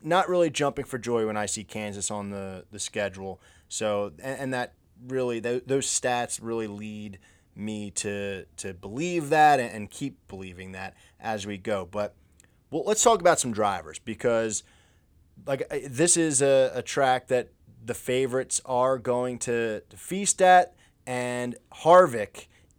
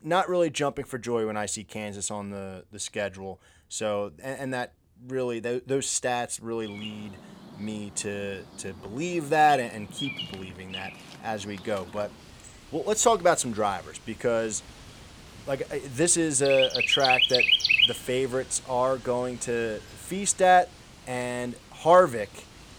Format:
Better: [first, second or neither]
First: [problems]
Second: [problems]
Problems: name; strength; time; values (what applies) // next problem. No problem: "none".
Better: first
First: none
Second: animal sounds; very loud; from 6.5 s on; 3 dB above the speech